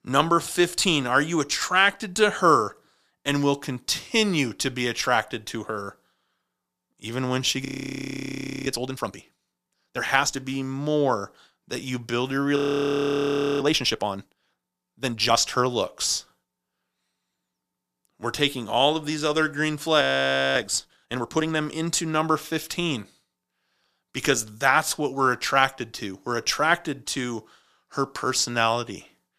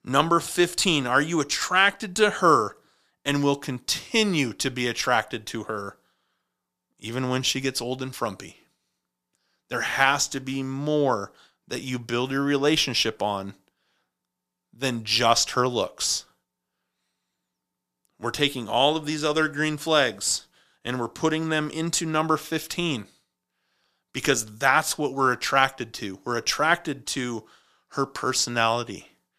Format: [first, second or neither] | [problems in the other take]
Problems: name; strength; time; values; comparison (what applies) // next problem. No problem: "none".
second | audio freezing; at 7.5 s for 1 s, at 13 s for 1 s and at 20 s for 0.5 s